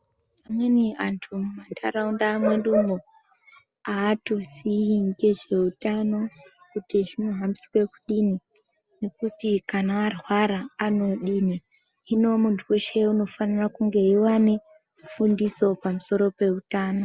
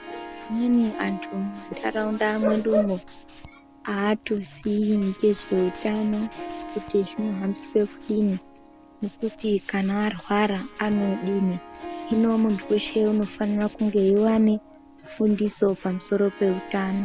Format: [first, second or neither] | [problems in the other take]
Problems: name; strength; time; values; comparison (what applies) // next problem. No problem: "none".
first | background sound (Tools + Harp); 16 dB below the speech